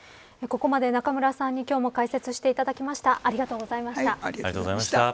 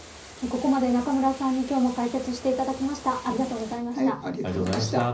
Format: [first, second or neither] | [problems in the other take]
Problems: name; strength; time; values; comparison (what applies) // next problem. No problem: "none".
first | background sound (Bathtub (filling or washing)); 16 dB below the speech // room echo; dies away in 0.5 s